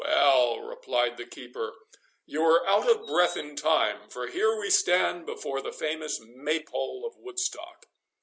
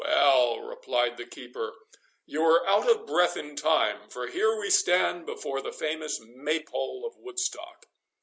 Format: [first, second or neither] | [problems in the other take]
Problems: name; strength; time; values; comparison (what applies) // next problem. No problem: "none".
second | background sound (Bird vocalization, bird call, bird song); 17 dB below the speech